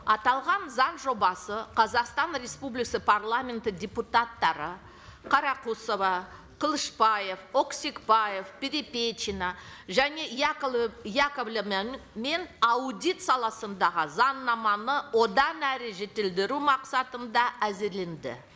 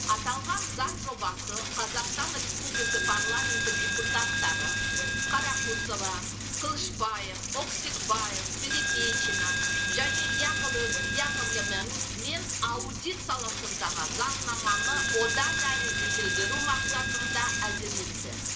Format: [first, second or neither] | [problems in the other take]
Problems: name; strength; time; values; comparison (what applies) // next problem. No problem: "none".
first | background sound (Coin (dropping)); 4 dB above the speech // room echo; dies away in 0.2 s